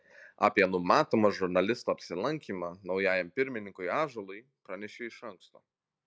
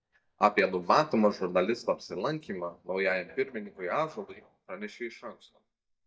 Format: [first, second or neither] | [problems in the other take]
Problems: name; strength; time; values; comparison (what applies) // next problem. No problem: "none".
first | noise reduction (neural mask model DeepFilterNet 3)